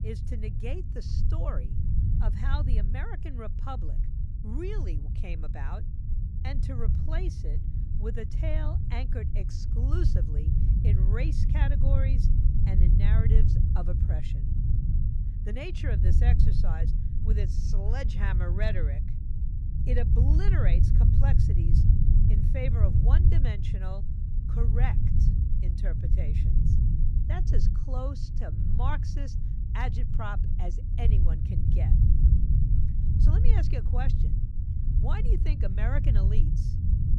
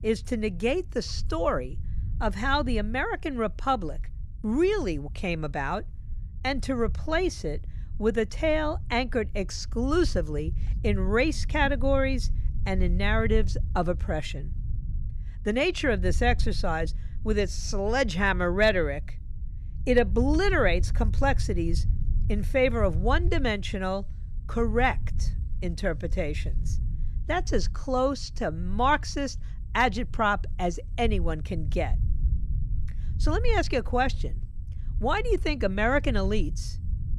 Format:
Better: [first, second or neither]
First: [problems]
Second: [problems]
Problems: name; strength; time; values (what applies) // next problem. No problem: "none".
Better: second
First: low rumble; loud; throughout; 2 dB below the speech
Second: low rumble; faint; throughout; 25 dB below the speech